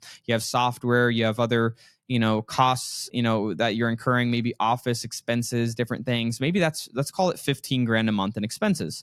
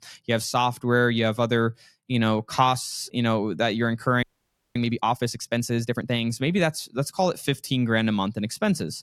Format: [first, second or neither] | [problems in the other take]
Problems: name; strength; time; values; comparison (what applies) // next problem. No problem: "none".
first | audio freezing; at 4 s for 0.5 s